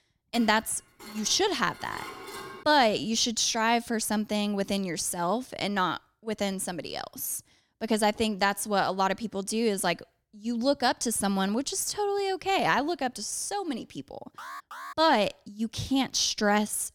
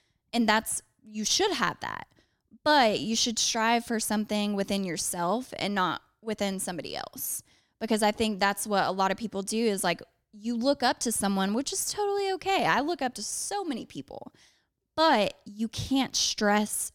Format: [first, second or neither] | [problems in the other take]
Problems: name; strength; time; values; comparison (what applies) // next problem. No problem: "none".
second | clattering dishes; faint; until 2.5 s; peak 10 dB below the speech // alarm; faint; at 14 s; peak 15 dB below the speech